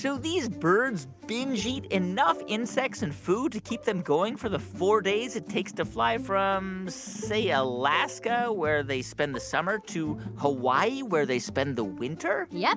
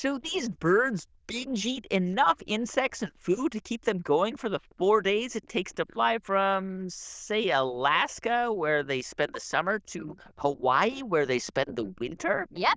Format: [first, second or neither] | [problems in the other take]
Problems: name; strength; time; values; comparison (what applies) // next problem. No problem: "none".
first | noise reduction (neural diffusion model UNIVERSE++)